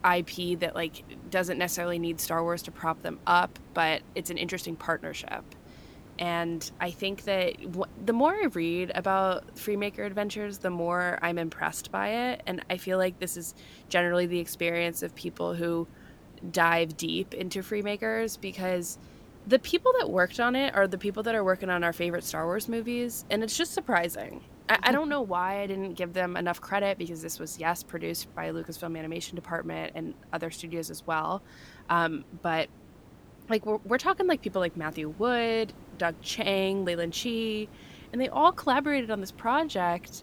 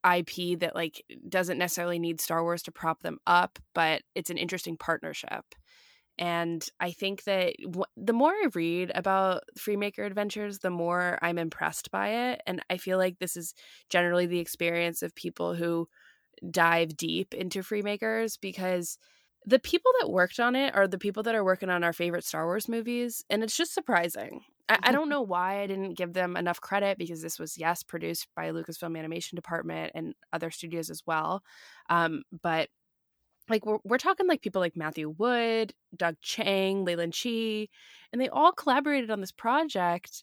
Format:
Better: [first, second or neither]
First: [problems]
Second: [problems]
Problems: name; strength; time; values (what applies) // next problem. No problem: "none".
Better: second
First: hiss; faint; throughout; 20 dB below the speech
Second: none